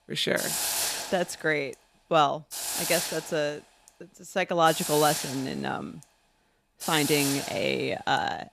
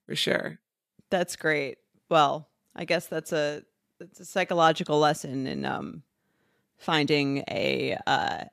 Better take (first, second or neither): second